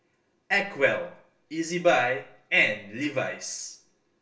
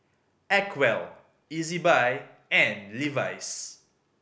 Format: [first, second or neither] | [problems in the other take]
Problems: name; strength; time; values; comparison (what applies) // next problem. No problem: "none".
second | room echo; dies away in 0.2 s